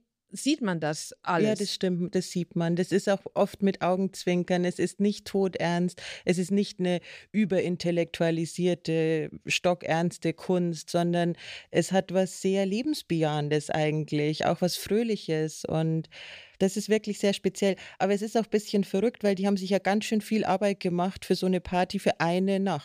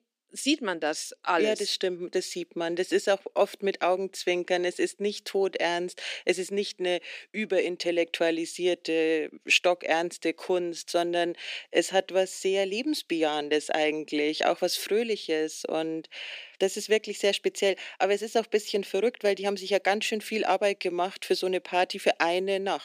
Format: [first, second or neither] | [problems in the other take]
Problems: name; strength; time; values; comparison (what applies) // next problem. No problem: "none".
first | thin; somewhat; fading below 250 Hz